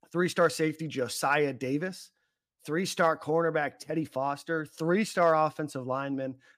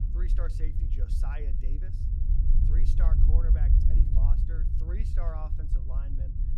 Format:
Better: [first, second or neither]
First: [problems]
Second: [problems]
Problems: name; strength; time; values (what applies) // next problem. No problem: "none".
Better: first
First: none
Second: low rumble; loud; throughout; as loud as the speech